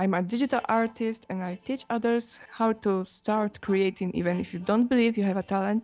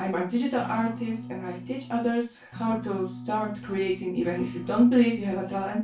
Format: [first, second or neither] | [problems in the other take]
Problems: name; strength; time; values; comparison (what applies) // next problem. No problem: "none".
first | background sound (Acoustic guitar / Strum); 12 dB below the speech // room echo; dies away in 0.2 s